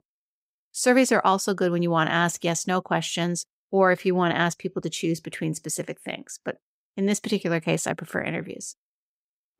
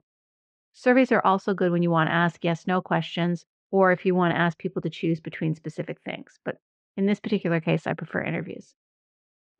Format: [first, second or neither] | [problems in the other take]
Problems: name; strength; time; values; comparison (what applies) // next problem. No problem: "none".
first | muffled; very; fading above 3 kHz